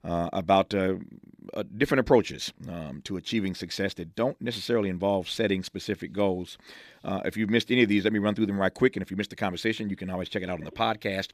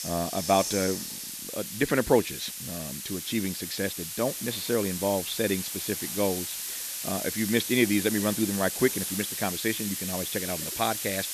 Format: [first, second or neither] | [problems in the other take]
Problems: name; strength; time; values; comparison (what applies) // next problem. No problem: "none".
first | hiss; loud; throughout; 3 dB below the speech